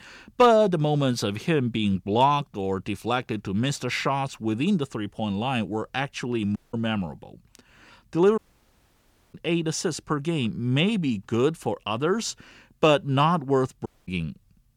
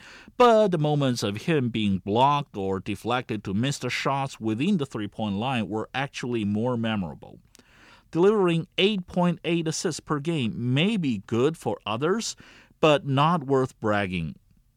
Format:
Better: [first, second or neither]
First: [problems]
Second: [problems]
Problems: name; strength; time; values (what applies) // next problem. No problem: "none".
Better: second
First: audio cutting out; at 6.5 s, at 8.5 s for 1 s and at 14 s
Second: none